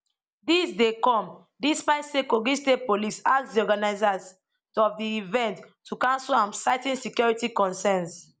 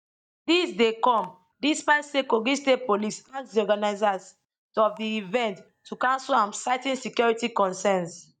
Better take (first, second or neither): first